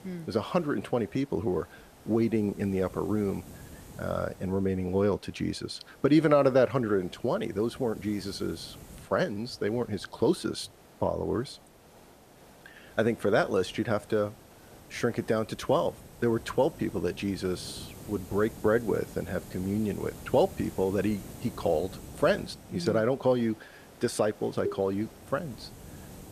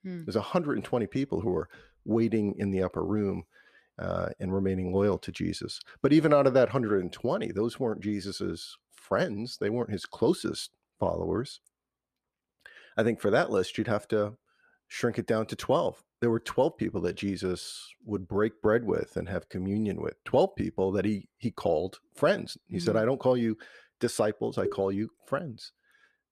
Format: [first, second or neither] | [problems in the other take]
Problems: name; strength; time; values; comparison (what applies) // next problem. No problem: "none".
second | hiss; noticeable; throughout; 20 dB below the speech